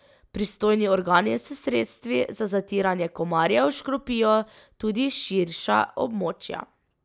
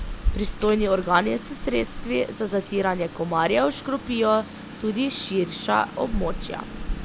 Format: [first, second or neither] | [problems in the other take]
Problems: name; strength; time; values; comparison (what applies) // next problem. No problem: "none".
first | background sound (Rain); 7 dB below the speech